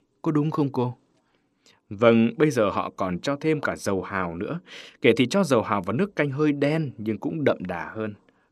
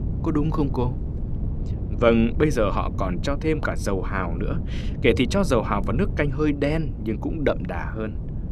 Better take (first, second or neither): first